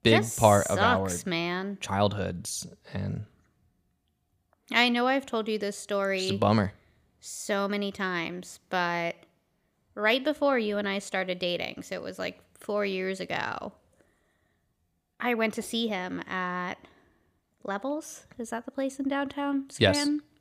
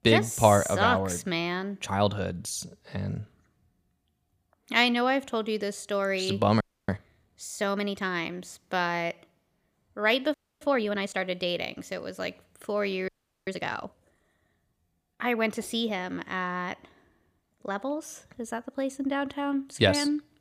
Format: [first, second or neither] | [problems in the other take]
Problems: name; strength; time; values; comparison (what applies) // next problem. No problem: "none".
first | audio freezing; at 6.5 s, at 10 s and at 13 s